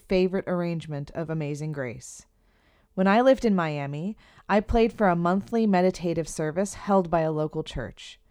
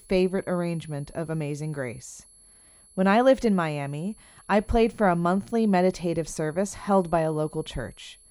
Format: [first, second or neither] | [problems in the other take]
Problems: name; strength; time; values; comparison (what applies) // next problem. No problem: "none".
first | high-pitched whine; faint; throughout; 11 kHz, 25 dB below the speech